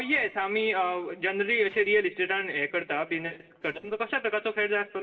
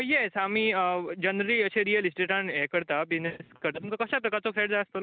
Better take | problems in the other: second | noise reduction (neural separator model SepFormer DNS4)

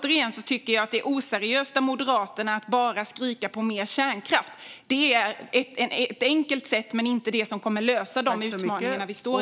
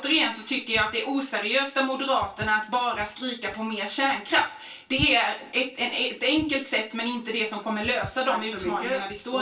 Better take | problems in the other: first | background sound (Walk, footsteps); 19 dB below the speech // room echo; dies away in 0.2 s

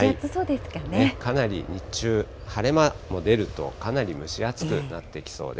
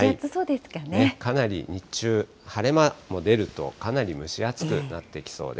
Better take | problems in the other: second | background sound (Aircraft); 13 dB below the speech

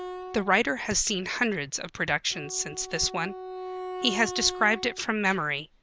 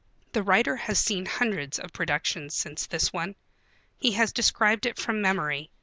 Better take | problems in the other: second | background sound (Wind instrument, woodwind instrument); 12 dB below the speech

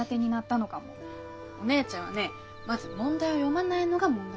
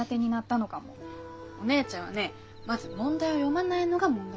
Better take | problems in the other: second | background sound (Wind instrument, woodwind instrument); 19 dB below the speech

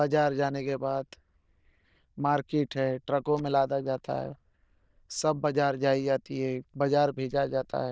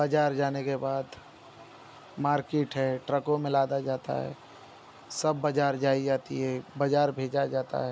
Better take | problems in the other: second | noise reduction (neural diffusion model UNIVERSE++)

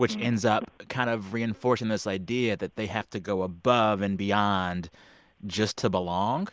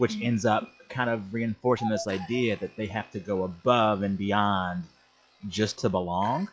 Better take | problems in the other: first | noise reduction (classical method log-MMSE)

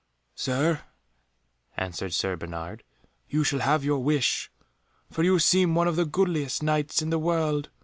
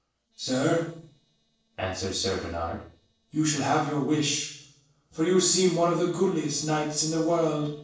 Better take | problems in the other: first | noise reduction (neural separator model SepFormer DNS4)

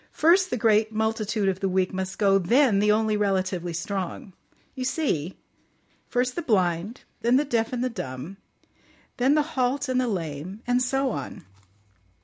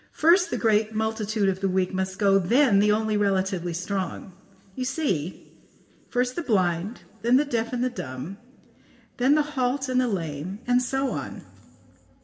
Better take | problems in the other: first | room echo; dies away in 2.1 s

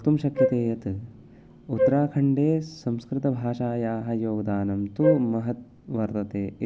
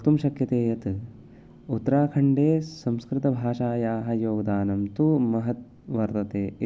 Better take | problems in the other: second | background sound (Wind instrument, woodwind instrument); 1 dB below the speech

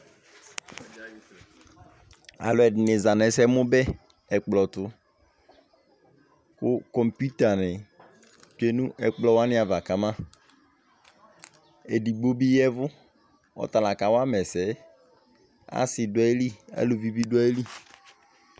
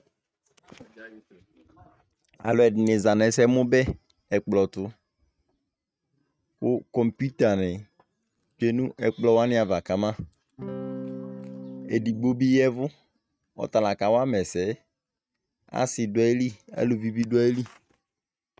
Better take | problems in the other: first | noise reduction (neural mask model RNNoise)

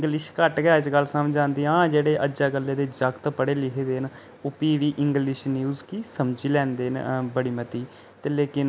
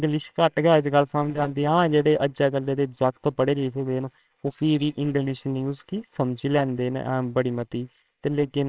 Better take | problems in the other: first | noise reduction (neural separator model SepFormer WHAMR!)

